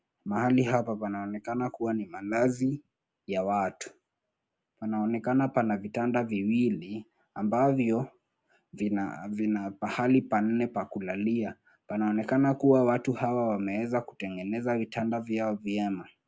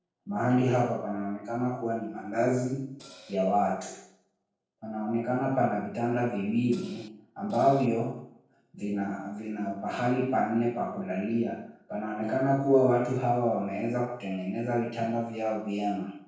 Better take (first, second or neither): first